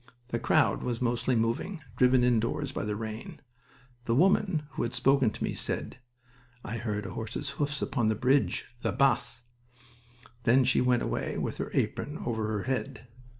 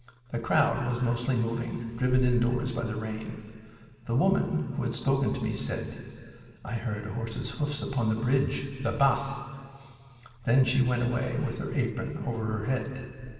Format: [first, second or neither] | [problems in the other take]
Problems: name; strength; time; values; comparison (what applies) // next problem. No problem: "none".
first | room echo; dies away in 2.3 s